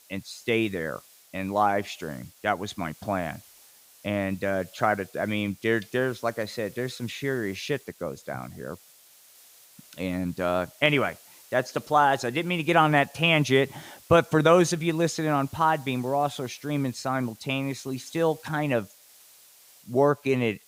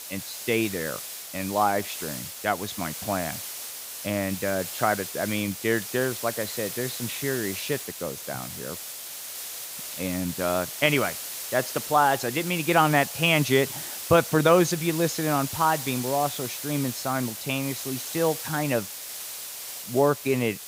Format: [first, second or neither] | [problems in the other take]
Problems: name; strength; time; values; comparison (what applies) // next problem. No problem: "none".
first | hiss; loud; throughout; 7 dB below the speech; faint in the first